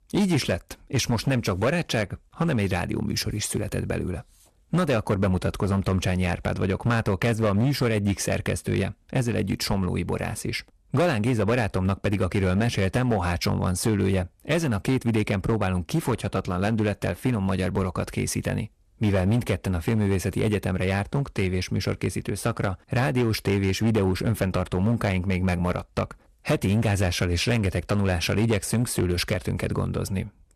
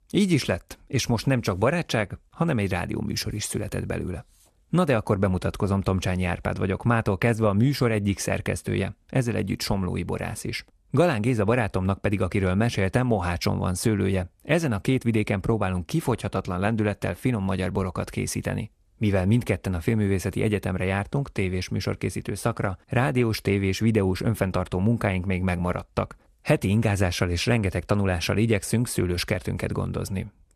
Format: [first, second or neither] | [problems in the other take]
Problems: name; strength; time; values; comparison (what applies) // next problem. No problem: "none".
second | distortion; slight; 7% of the sound clipped